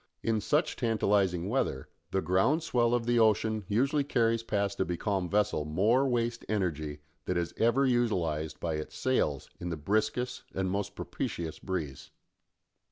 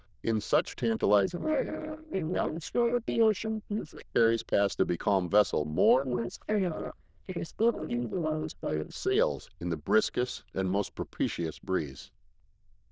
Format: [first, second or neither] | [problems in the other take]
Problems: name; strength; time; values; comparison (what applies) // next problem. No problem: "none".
first | noise reduction (neural diffusion model UNIVERSE++)